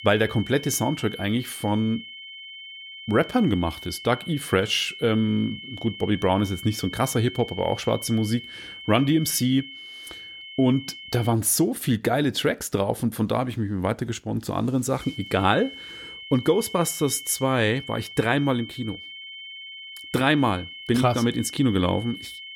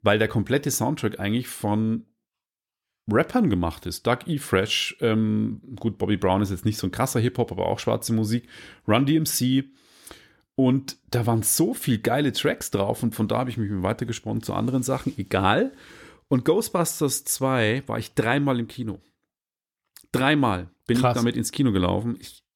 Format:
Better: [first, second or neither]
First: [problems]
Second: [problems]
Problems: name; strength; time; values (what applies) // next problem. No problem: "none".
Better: second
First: high-pitched whine; noticeable; until 11 s and from 15 s on; 3 kHz, 15 dB below the speech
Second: none